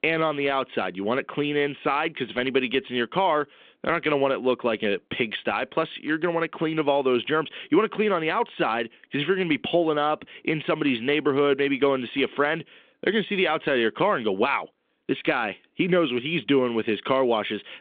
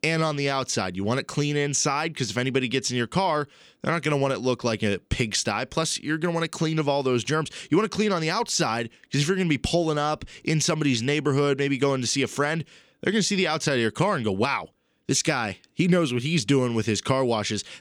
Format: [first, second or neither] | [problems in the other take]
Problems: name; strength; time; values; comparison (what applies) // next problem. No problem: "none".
second | phone-call audio